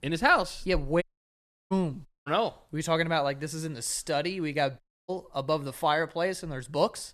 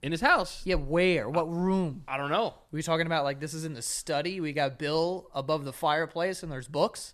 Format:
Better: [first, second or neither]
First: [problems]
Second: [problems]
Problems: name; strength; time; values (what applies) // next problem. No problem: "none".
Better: second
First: audio cutting out; at 1 s for 0.5 s, at 2 s and at 5 s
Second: none